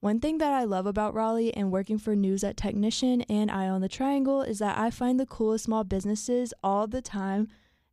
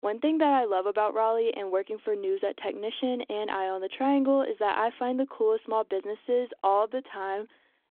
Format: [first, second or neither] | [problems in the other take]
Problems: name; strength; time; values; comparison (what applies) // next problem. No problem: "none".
first | phone-call audio; nothing above 3.5 kHz